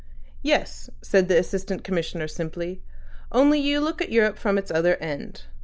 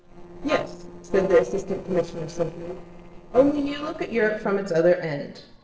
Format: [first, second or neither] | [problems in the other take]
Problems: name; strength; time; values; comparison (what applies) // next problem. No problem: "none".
first | noise reduction (neural separator model SepFormer DNS4)